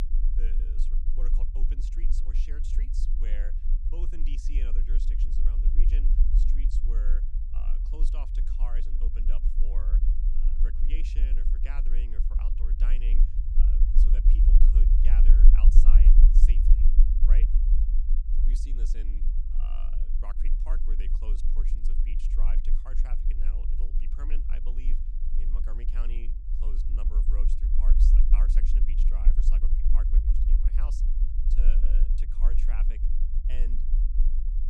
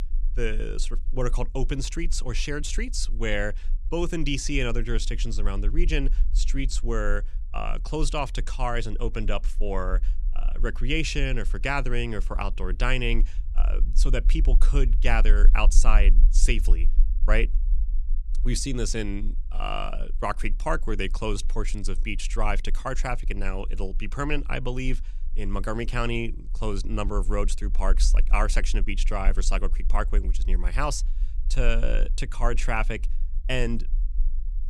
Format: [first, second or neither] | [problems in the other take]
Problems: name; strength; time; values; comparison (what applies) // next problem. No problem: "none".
second | low rumble; loud; throughout; 1 dB below the speech; faint in the second